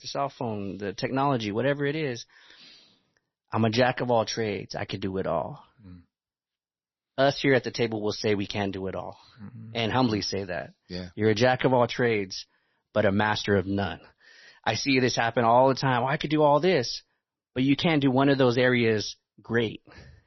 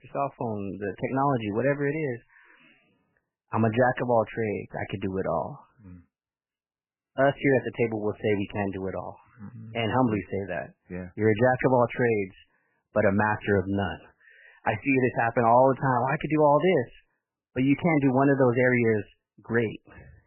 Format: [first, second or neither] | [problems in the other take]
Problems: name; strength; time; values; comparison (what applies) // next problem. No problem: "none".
first | garbled, watery; badly; nothing above 3 kHz; slightly in the first